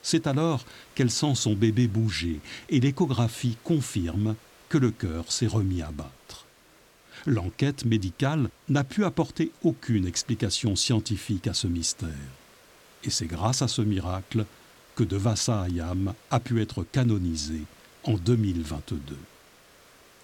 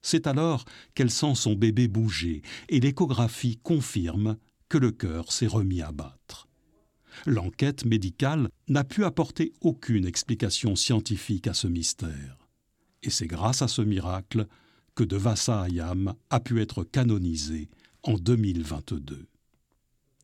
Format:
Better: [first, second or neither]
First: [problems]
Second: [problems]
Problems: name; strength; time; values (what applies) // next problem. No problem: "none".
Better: second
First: hiss; faint; throughout; 25 dB below the speech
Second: none